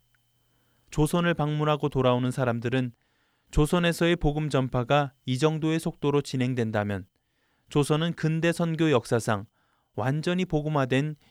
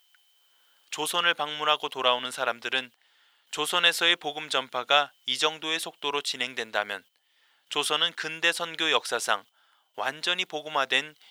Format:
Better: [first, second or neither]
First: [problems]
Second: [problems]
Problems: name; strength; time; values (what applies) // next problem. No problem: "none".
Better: first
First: none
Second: thin; very; fading below 900 Hz